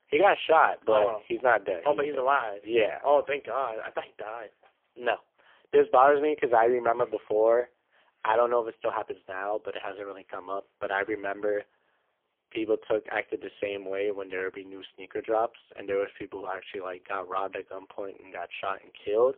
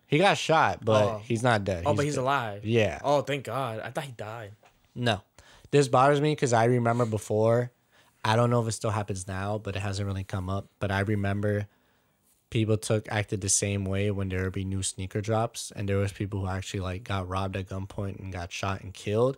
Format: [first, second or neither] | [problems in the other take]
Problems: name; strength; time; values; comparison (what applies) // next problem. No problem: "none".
second | phone-call audio; poor line; nothing above 3.5 kHz